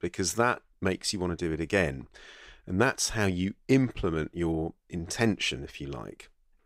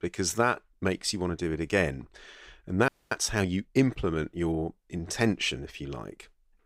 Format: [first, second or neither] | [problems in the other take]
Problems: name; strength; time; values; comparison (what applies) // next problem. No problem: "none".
first | audio freezing; at 3 s